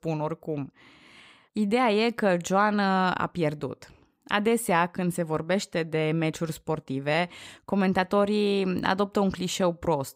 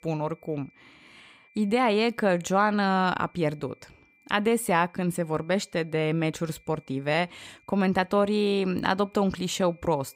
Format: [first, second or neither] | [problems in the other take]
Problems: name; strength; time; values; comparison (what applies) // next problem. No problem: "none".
first | high-pitched whine; faint; throughout; 2.5 kHz, 30 dB below the speech